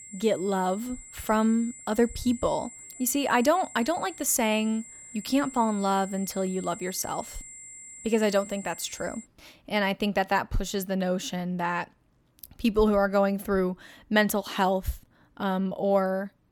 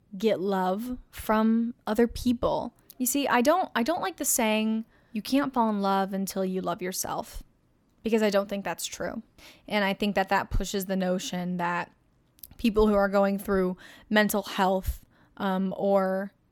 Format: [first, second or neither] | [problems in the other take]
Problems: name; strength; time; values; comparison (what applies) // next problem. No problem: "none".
second | high-pitched whine; noticeable; until 9 s; 7.5 kHz, 15 dB below the speech